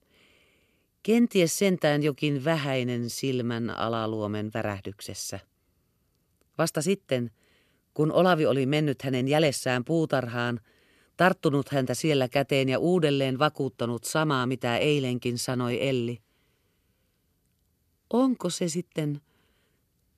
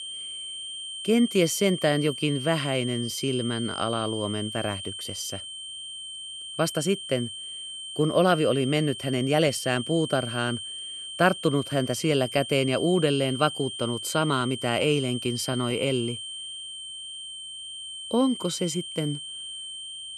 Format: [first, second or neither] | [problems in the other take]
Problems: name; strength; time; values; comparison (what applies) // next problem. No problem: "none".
first | high-pitched whine; loud; throughout; 3 kHz, 8 dB below the speech